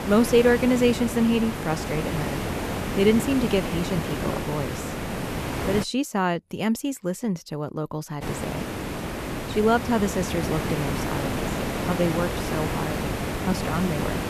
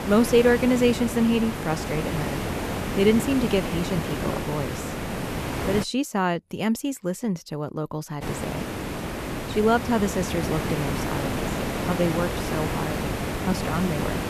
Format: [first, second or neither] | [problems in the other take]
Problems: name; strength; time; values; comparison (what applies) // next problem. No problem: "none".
neither | hiss; loud; until 6 s and from 8 s on; 4 dB below the speech; the same in both